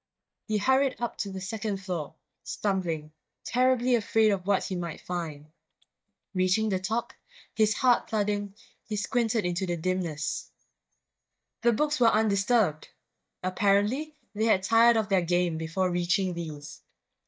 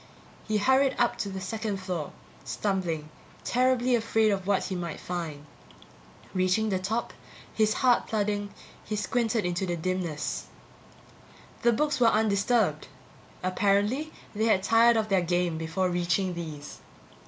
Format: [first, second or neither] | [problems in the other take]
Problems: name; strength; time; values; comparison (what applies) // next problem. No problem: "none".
second | noise reduction (neural mask model DeepFilterNet 3)